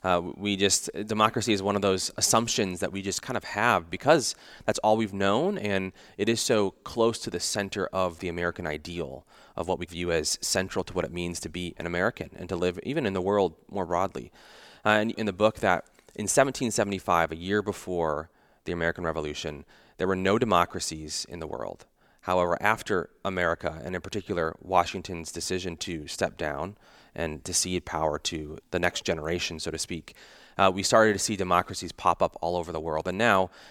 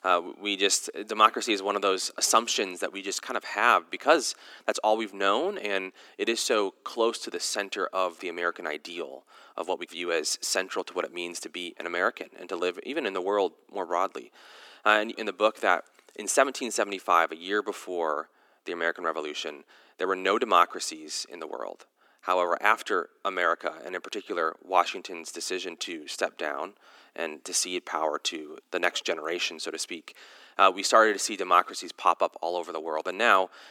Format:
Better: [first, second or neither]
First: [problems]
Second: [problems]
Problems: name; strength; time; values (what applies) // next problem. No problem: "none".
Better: first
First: none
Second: thin; somewhat; fading below 250 Hz